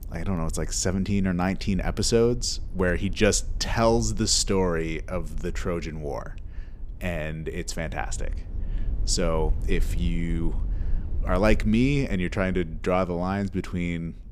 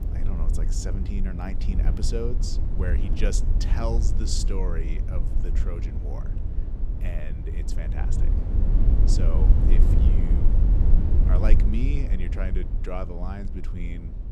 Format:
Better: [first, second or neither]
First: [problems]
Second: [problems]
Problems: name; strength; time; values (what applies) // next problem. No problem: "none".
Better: first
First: low rumble; faint; throughout; 25 dB below the speech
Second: low rumble; loud; throughout; 4 dB below the speech